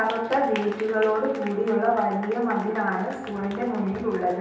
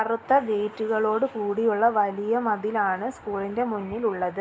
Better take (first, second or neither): second